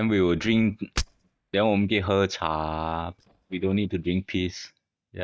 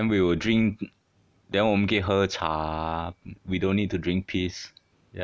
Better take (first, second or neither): second